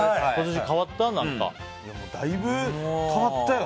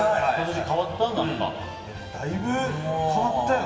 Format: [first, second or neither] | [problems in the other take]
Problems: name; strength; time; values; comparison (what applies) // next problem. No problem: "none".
first | background sound (Bowed string instrument); 12 dB below the speech // room echo; dies away in 2.9 s